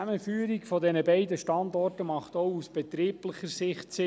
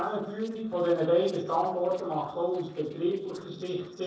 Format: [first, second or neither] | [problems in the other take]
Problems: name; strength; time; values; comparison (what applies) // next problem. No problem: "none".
first | noise reduction (neural separator model SepFormer DNS4)